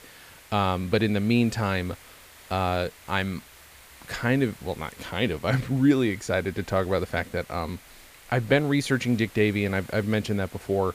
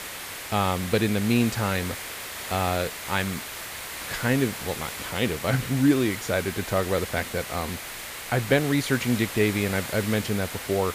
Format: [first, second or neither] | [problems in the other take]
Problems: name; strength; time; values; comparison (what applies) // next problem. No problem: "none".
first | hiss; loud; throughout; 8 dB below the speech; faint in the first